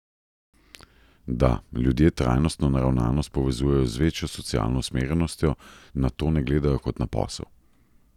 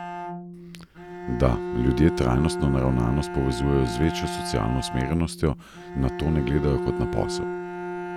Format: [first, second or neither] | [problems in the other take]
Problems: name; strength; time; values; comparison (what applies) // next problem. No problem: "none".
first | background sound (Bowed string instrument); 6 dB below the speech